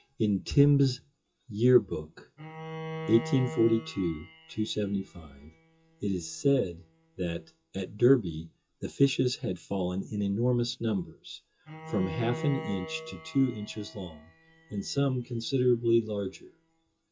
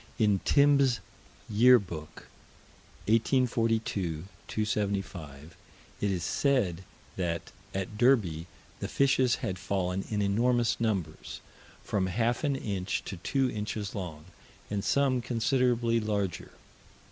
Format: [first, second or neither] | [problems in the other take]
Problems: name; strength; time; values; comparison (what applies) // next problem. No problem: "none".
second | noise reduction (classical method WPE with log-MMSE)